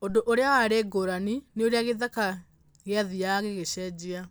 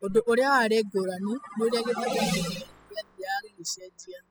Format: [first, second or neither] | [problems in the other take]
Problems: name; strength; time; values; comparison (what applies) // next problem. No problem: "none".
first | noise reduction (classical method spectral subtraction)